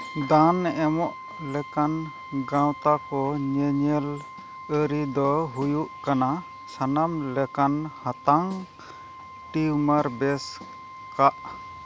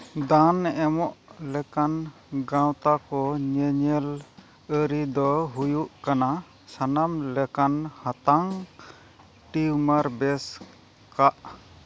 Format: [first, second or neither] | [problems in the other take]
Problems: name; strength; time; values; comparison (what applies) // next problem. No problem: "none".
second | background sound (Brass instrument); 16 dB below the speech